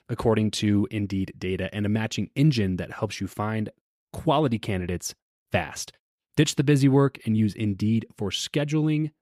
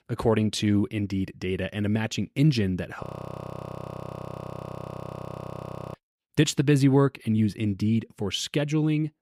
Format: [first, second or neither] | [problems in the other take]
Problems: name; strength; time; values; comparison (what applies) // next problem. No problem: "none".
first | audio freezing; at 3 s for 3 s